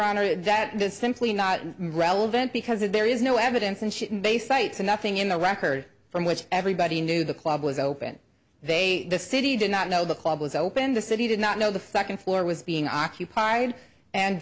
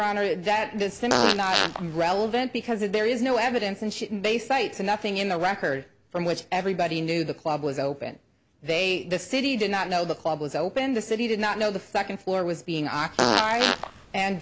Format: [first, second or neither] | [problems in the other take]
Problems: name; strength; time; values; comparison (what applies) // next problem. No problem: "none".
first | background sound (Fart); as loud as the speech